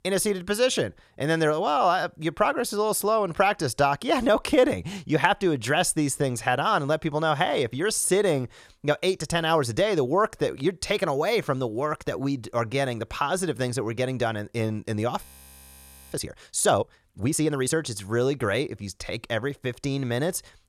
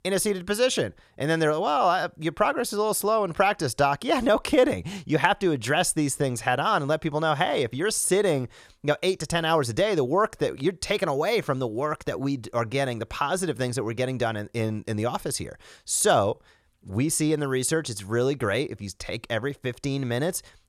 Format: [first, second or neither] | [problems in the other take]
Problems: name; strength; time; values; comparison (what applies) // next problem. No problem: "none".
second | audio freezing; at 15 s for 1 s